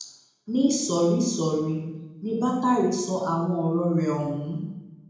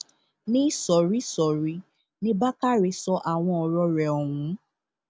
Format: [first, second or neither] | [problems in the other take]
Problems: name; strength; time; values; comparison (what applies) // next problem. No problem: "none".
second | room echo; dies away in 0.9 s